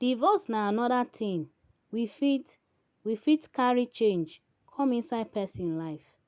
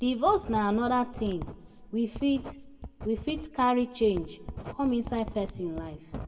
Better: first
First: none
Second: background sound (Writing); 13 dB below the speech // room echo; dies away in 1 s

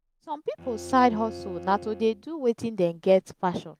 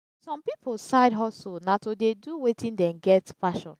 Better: second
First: background sound (Bowed string instrument); 17 dB below the speech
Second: none

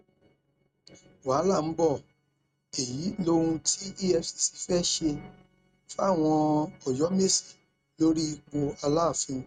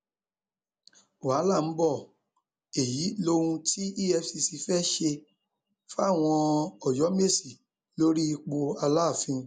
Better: second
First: noise reduction (neural mask model RNNoise)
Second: none

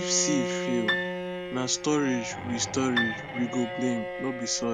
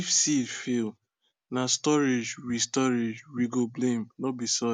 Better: second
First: background sound (Bowed string instrument + Piano); 3 dB below the speech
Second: none

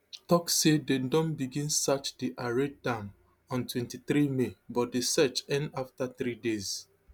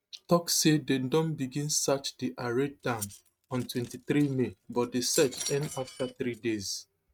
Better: first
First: none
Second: noise reduction (neural mask model RNNoise)

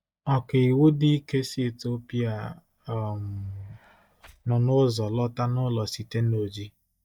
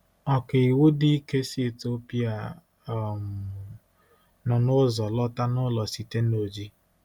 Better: second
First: noise reduction (neural mask model DeepFilterNet 3)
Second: none

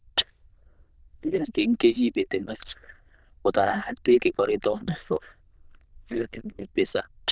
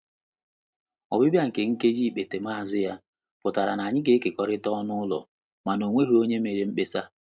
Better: second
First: noise reduction (neural diffusion model UNIVERSE++)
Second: none

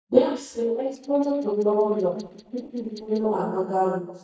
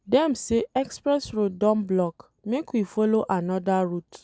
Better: second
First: noise reduction (neural mask model DeepFilterNet 3)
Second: none

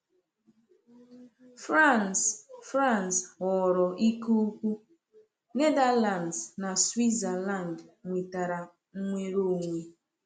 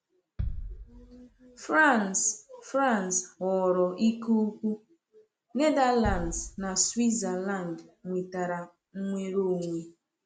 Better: first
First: none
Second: background sound (Bass drum); 13 dB below the speech

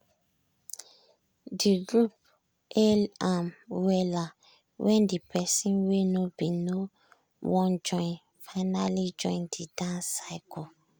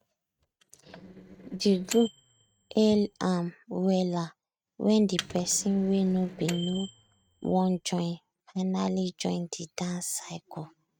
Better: first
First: none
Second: noise reduction (neural mask model RNNoise)

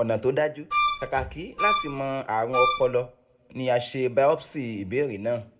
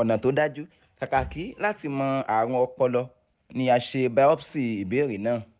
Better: second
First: background sound (Wind instrument, woodwind instrument); 1 dB below the speech // room echo; dies away in 0.3 s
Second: none

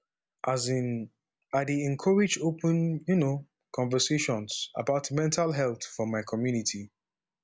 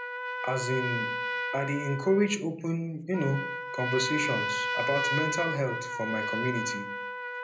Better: first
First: none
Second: background sound (Trumpet); 2 dB below the speech // room echo; dies away in 0.5 s

